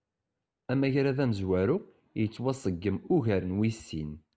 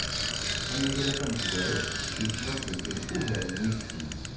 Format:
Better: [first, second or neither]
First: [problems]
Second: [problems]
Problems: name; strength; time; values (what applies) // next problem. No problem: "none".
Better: first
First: none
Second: background sound (Bicycle); 1 dB above the speech // room echo; dies away in 0.5 s